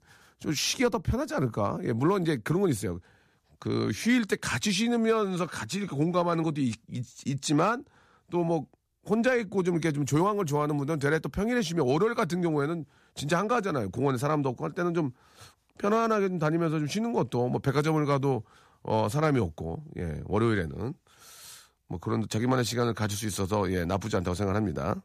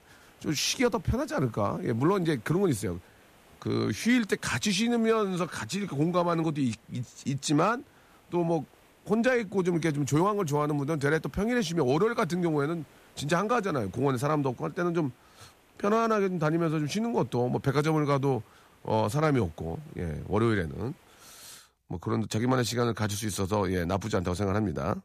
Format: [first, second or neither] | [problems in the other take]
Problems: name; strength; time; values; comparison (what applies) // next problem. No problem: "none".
first | hiss; faint; until 22 s; 30 dB below the speech